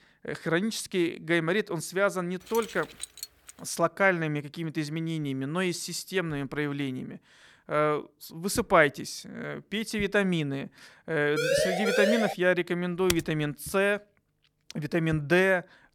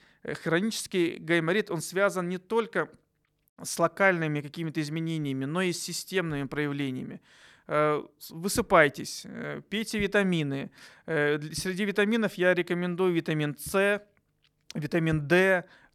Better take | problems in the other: second | jangling keys; faint; from 2.5 to 3.5 s; peak 10 dB below the speech // siren; loud; at 11 s; peak 2 dB above the speech // keyboard typing; very faint; at 13 s; peak 4 dB below the speech

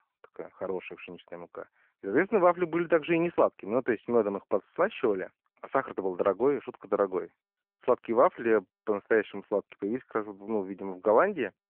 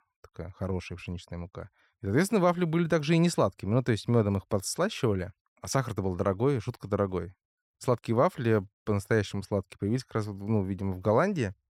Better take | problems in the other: second | phone-call audio

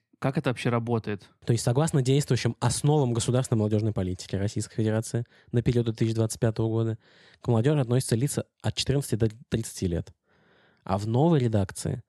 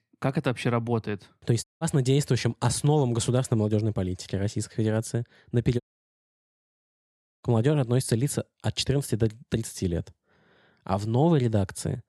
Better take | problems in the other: first | audio cutting out; at 1.5 s and at 6 s for 1.5 s

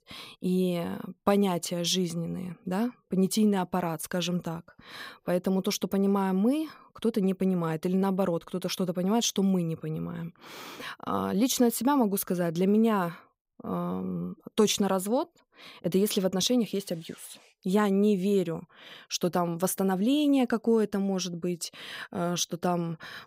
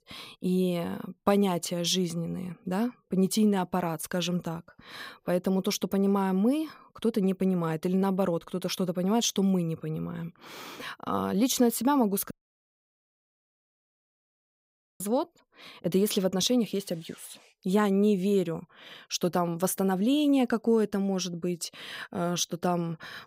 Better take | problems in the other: first | audio cutting out; at 12 s for 2.5 s

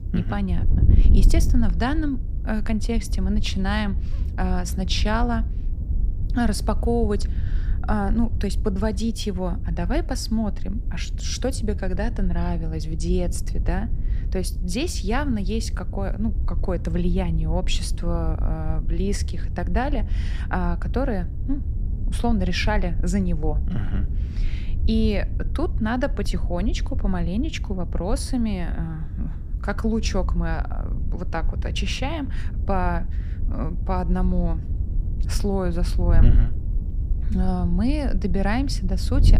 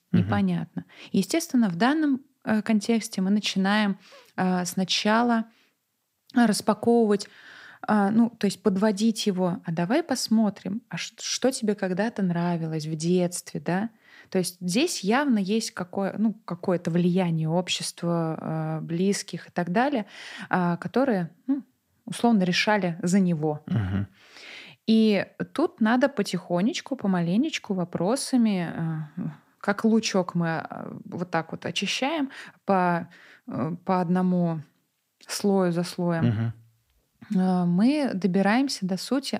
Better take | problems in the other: second | wind noise on the microphone; occasional gusts; 15 dB below the speech

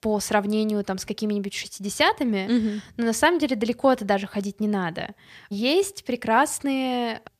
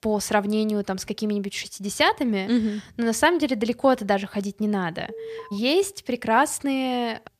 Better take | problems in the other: first | alarm; faint; at 5 s; peak 15 dB below the speech

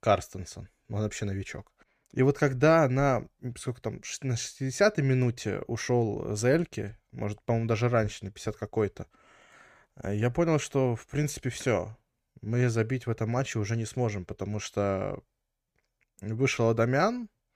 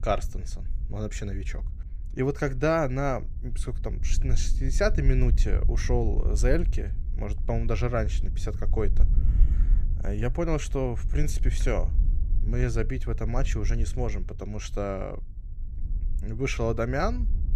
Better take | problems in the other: first | low rumble; noticeable; throughout; 20 dB below the speech

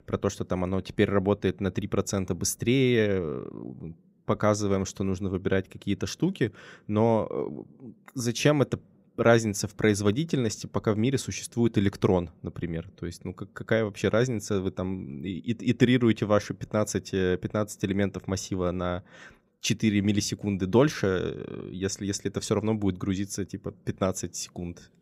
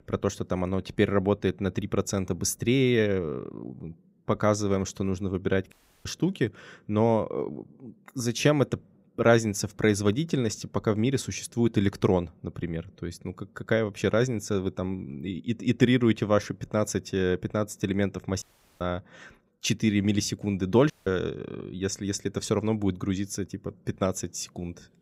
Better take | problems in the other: first | audio cutting out; at 5.5 s, at 18 s and at 21 s

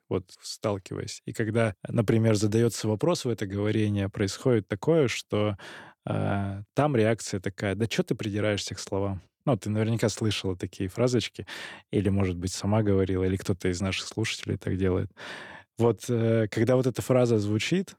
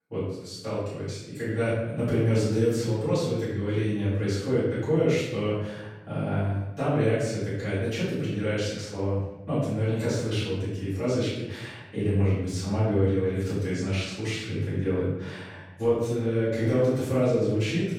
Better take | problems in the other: first | off-mic speech; far // room echo; strong; dies away in 1 s

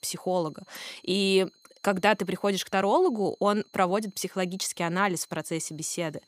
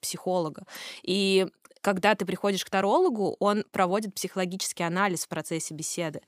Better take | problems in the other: second | high-pitched whine; faint; throughout; 4 kHz, 35 dB below the speech

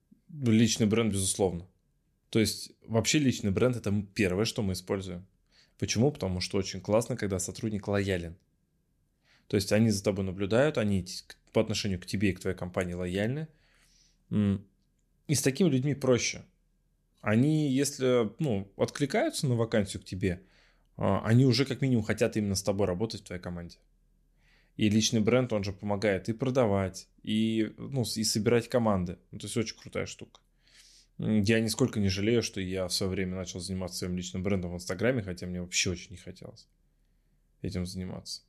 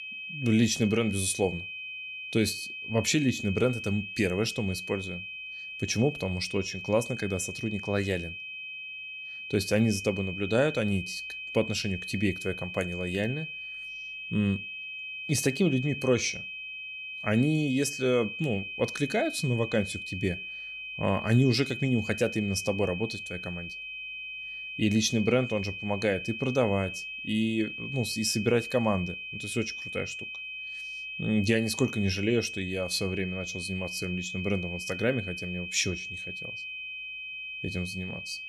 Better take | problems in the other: first | high-pitched whine; loud; throughout; 2.5 kHz, 7 dB below the speech

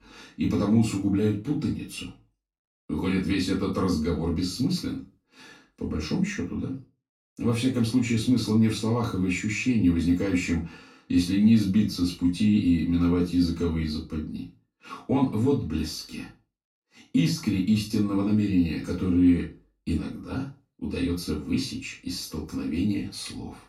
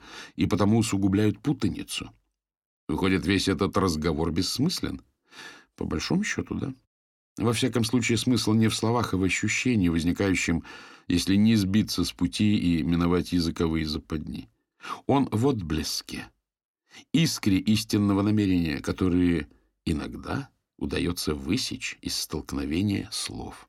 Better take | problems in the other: second | off-mic speech; far // room echo; slight; dies away in 0.3 s

